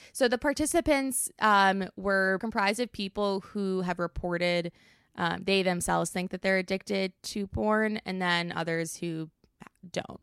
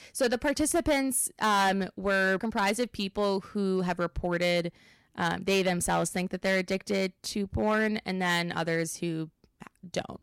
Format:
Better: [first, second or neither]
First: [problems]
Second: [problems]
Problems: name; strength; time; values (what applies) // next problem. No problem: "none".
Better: first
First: none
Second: distortion; slight; 5% of the sound clipped